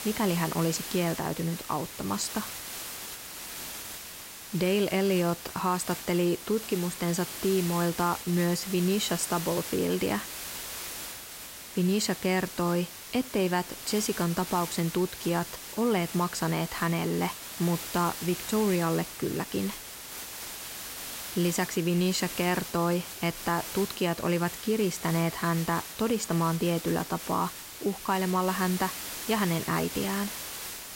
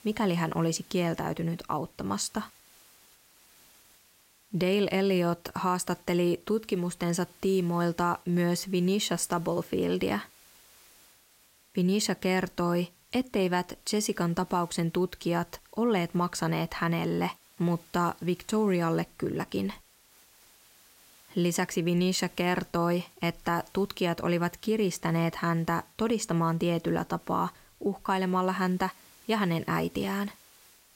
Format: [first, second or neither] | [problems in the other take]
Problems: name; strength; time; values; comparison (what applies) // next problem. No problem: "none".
second | hiss; loud; throughout; 8 dB below the speech; faint in the second